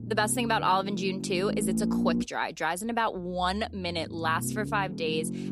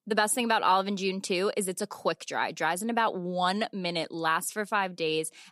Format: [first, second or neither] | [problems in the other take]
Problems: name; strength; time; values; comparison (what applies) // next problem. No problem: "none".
second | low rumble; noticeable; throughout; 10 dB below the speech